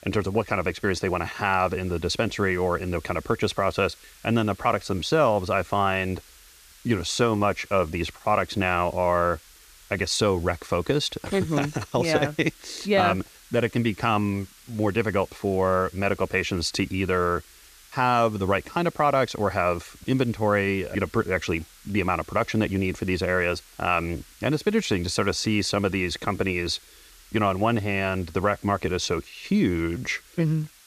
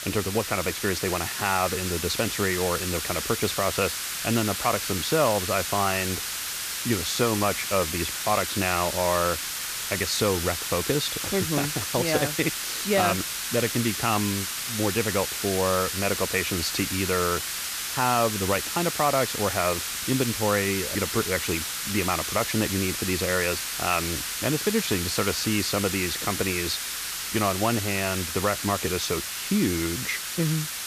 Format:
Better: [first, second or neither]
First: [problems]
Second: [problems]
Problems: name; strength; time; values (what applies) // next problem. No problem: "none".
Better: first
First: hiss; faint; throughout; 25 dB below the speech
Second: hiss; loud; throughout; 2 dB below the speech